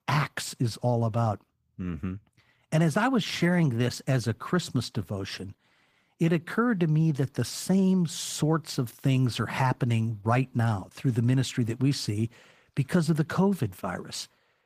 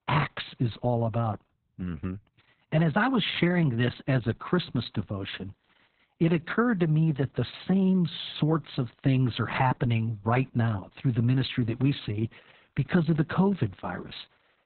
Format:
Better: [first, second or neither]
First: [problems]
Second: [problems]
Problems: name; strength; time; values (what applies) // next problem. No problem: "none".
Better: first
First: garbled, watery; slightly; nothing above 15 kHz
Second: garbled, watery; badly; nothing above 4 kHz